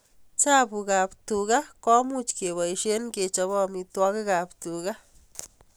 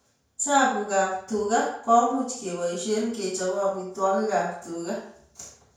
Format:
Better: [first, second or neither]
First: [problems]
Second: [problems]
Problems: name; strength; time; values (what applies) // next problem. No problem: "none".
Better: first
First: none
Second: room echo; dies away in 0.5 s